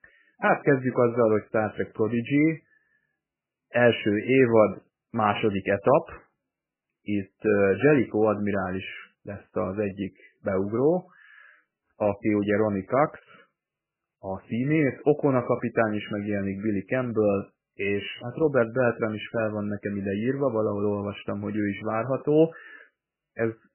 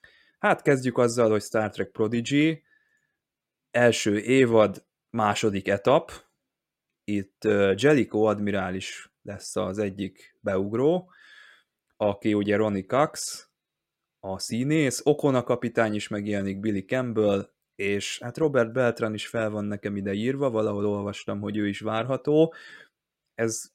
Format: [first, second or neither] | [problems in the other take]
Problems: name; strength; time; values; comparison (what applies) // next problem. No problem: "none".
second | garbled, watery; badly; nothing above 3 kHz